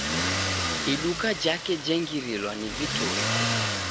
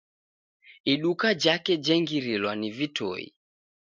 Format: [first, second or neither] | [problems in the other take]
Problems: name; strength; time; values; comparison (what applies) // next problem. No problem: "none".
second | background sound (Motor vehicle (road)); 1 dB above the speech